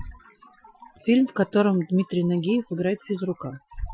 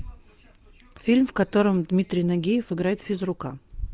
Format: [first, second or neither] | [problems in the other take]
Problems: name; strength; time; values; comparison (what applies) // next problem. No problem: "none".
second | noise reduction (classical method Wiener filter)